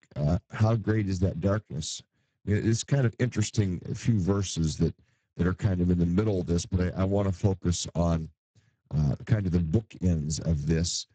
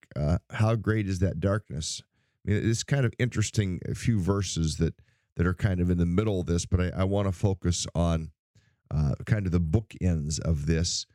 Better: second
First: garbled, watery; badly; nothing above 8 kHz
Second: none

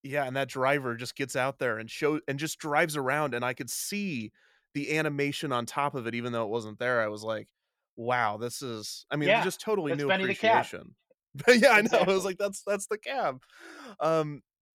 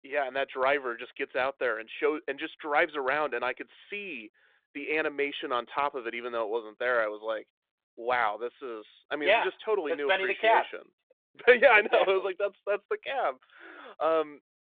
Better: first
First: none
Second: phone-call audio

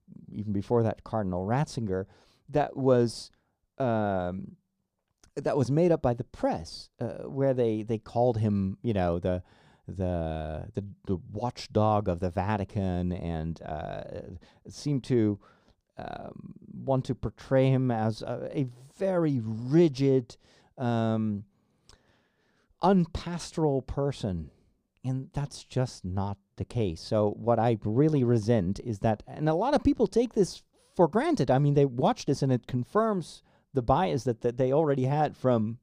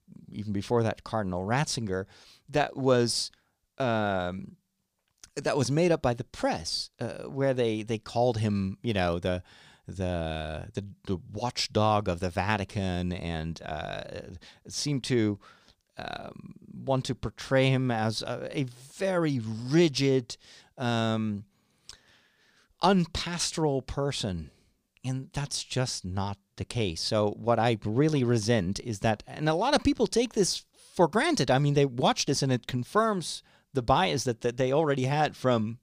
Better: second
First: muffled; slightly; fading above 1.5 kHz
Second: none

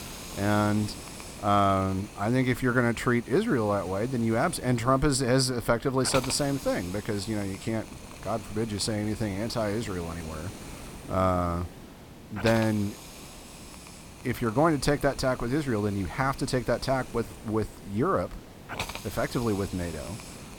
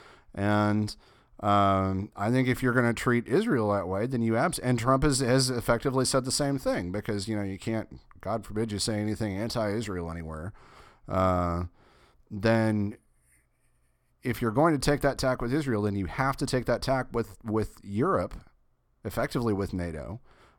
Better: second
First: hiss; noticeable; throughout; 15 dB below the speech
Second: none

